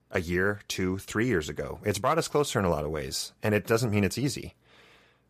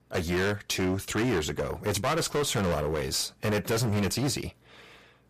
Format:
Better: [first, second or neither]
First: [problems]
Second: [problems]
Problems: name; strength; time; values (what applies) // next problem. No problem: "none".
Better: first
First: none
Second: distortion; heavy; 20% of the sound clipped